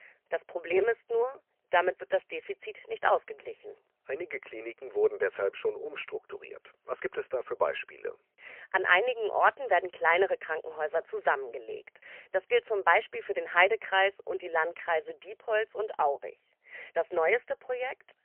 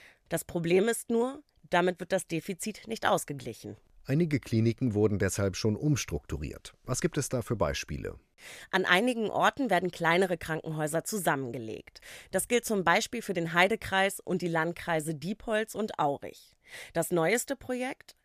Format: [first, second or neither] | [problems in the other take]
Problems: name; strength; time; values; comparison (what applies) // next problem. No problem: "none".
second | phone-call audio; poor line; nothing above 3 kHz